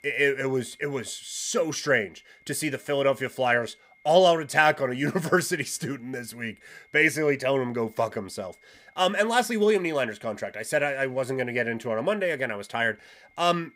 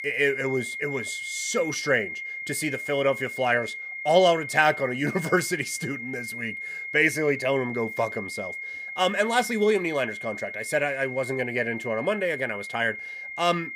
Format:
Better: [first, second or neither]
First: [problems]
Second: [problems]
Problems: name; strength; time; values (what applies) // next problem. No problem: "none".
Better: first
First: high-pitched whine; faint; throughout; 2 kHz, 30 dB below the speech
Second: high-pitched whine; loud; throughout; 2 kHz, 8 dB below the speech